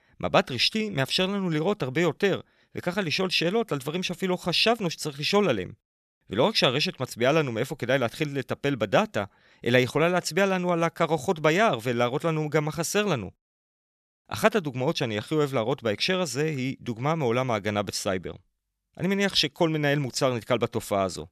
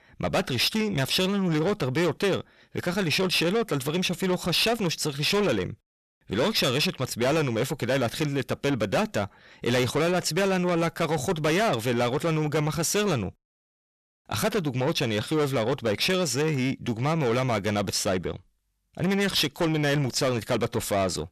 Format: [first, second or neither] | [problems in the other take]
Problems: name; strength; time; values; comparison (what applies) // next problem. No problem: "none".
first | distortion; heavy; 7 dB below the speech